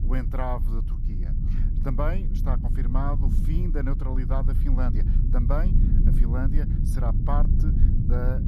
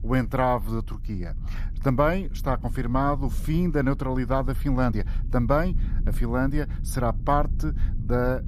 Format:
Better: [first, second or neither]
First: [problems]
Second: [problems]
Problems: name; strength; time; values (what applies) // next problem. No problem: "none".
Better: second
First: low rumble; loud; throughout; 6 dB below the speech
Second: low rumble; faint; throughout; 20 dB below the speech